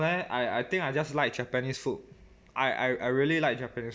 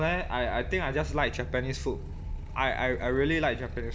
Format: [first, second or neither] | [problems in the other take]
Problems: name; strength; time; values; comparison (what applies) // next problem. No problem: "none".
first | background sound (Motorcycle); 6 dB below the speech